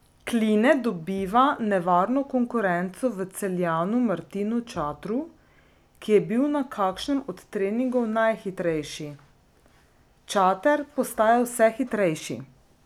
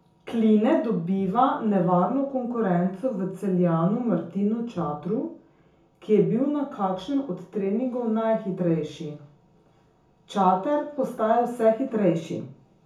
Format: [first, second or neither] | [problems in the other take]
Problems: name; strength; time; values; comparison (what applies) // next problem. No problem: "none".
first | room echo; dies away in 0.6 s